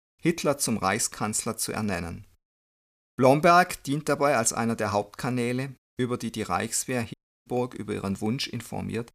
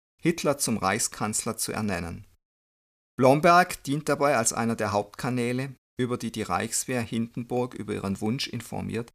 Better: second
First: audio cutting out; at 7 s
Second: none

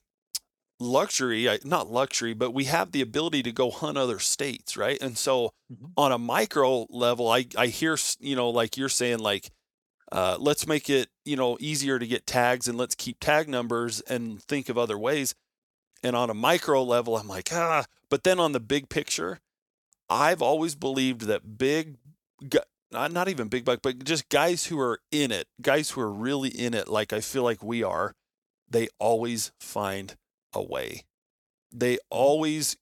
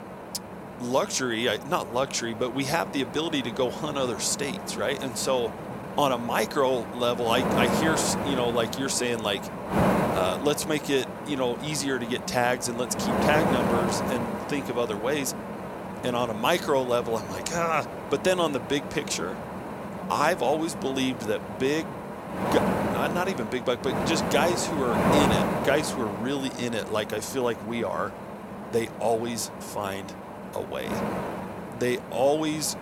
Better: first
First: none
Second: wind noise on the microphone; heavy; 4 dB below the speech

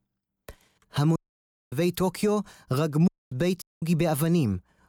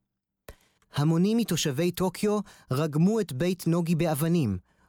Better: second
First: audio cutting out; at 1 s for 0.5 s, at 3 s and at 3.5 s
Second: none

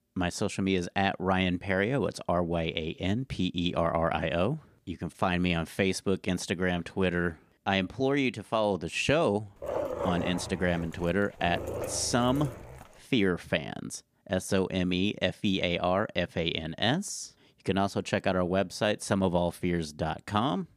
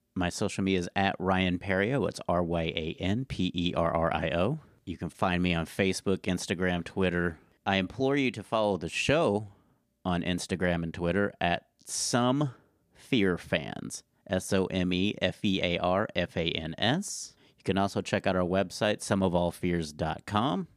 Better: second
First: dog barking; noticeable; from 9.5 to 13 s; peak 3 dB below the speech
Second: none

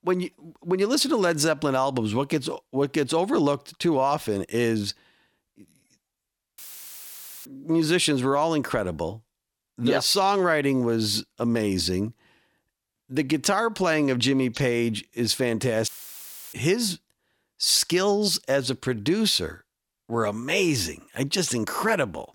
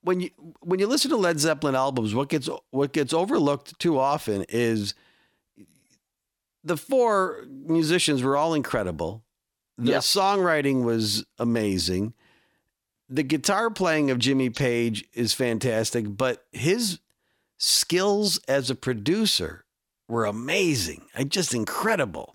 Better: second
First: audio cutting out; filled with static; at 6.5 s for 1 s and at 16 s for 0.5 s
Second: none

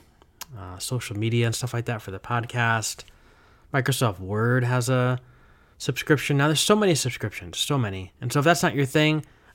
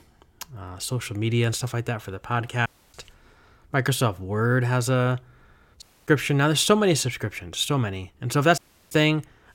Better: first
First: none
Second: audio cutting out; at 2.5 s, at 6 s and at 8.5 s

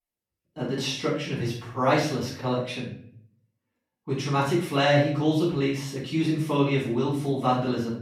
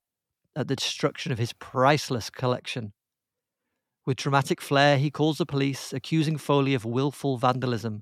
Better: second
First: off-mic speech; far // room echo; noticeable; dies away in 0.5 s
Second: none

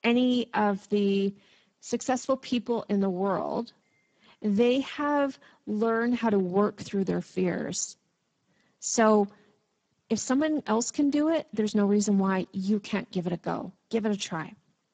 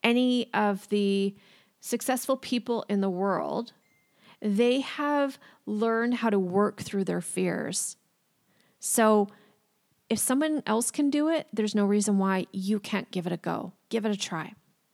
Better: second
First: garbled, watery; badly; nothing above 7.5 kHz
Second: none

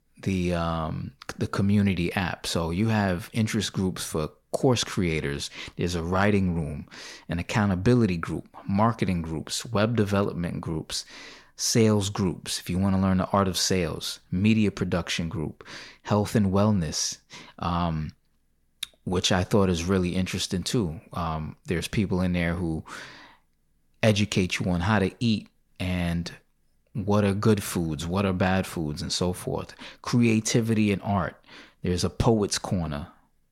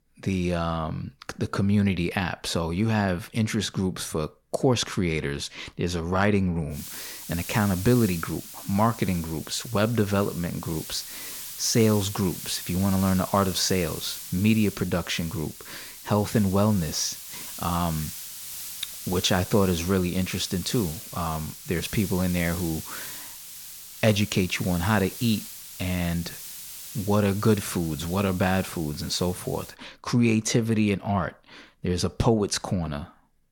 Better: first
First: none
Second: hiss; noticeable; from 6.5 to 30 s; 10 dB below the speech

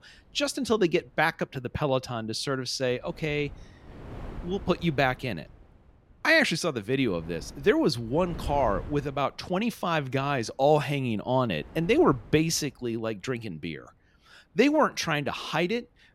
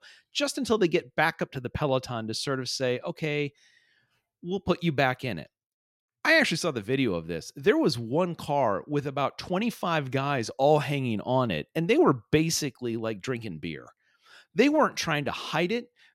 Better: second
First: wind noise on the microphone; occasional gusts; 25 dB below the speech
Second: none

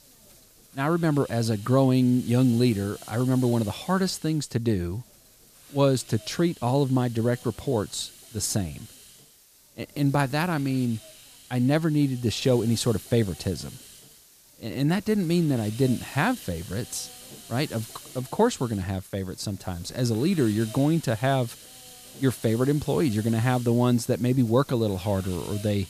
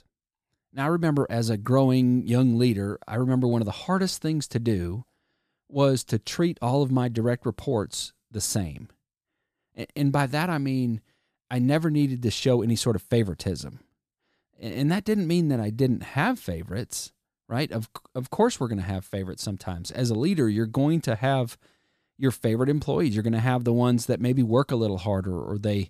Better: second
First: hiss; noticeable; throughout; 20 dB below the speech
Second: none

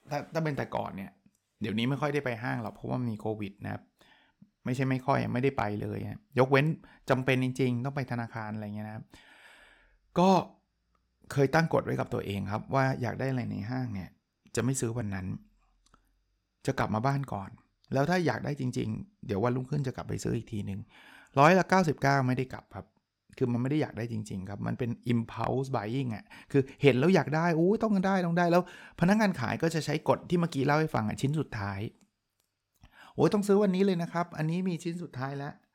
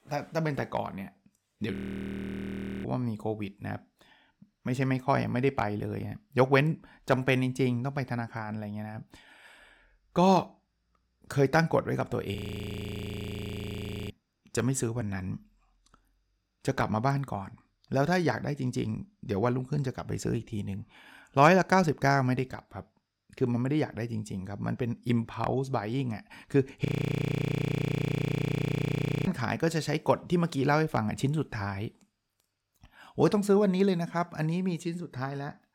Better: first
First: none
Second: audio freezing; at 1.5 s for 1 s, at 12 s for 2 s and at 27 s for 2.5 s

